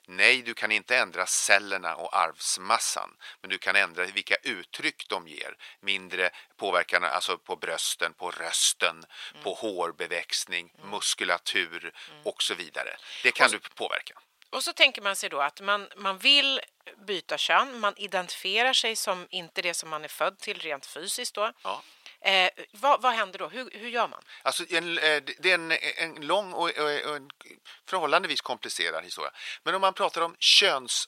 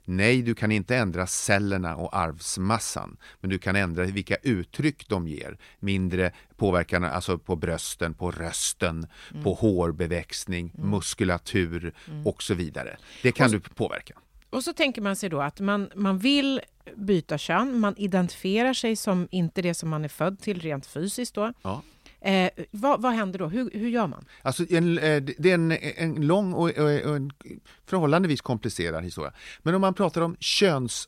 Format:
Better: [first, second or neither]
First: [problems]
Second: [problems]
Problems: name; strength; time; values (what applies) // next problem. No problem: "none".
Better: second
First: thin; very; fading below 800 Hz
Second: none